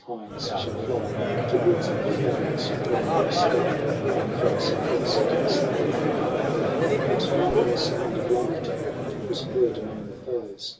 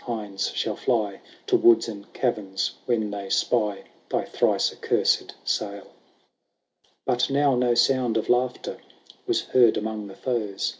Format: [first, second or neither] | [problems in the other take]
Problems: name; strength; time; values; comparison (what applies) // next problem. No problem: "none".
second | background sound (Crowd); 5 dB above the speech // room echo; dies away in 0.2 s